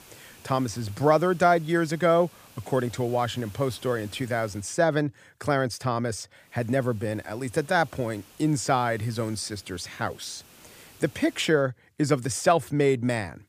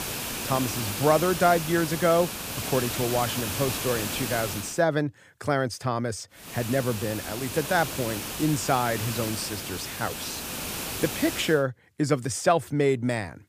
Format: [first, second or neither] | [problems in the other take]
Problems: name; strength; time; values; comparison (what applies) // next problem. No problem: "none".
first | hiss; loud; until 4.5 s and from 6.5 to 11 s; 5 dB below the speech; faint in the first